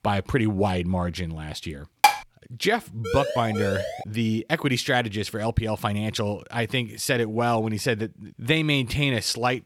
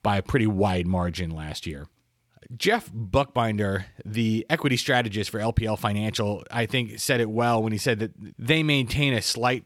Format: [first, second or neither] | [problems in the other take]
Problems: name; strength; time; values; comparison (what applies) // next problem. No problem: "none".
second | clattering dishes; loud; at 2 s; peak 5 dB above the speech // siren; noticeable; from 3 to 4 s; peak 4 dB below the speech